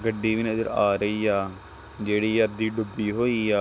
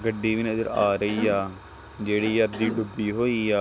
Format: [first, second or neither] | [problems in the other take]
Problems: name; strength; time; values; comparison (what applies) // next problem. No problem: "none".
first | background sound (Cough); 11 dB below the speech